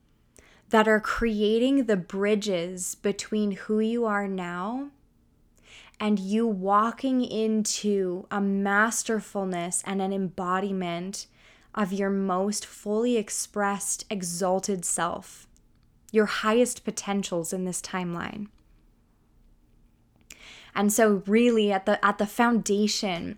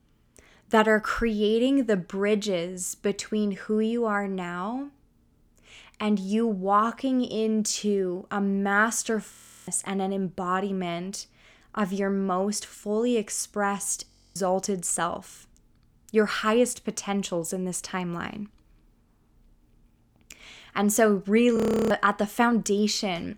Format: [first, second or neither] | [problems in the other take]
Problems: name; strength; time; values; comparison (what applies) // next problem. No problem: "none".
first | audio freezing; at 9.5 s, at 14 s and at 22 s